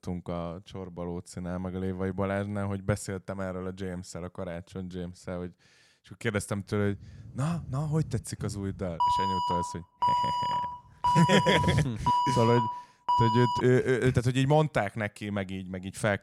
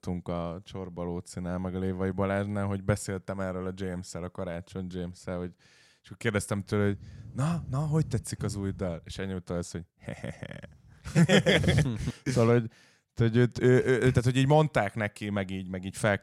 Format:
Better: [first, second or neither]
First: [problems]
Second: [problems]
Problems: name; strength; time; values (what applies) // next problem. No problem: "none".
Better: second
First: alarm; loud; from 9 to 14 s; peak 4 dB above the speech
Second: none